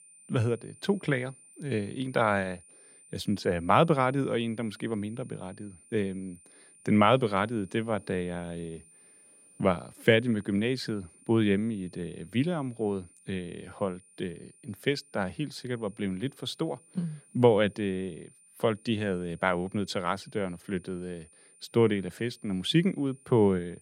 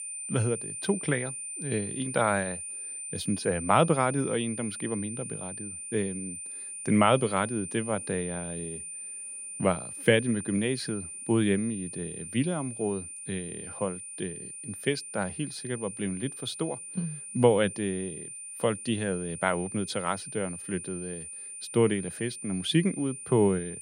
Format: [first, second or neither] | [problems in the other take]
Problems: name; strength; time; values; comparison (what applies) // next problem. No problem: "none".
first | high-pitched whine; loud; throughout; 9 kHz, 8 dB below the speech; faint in the first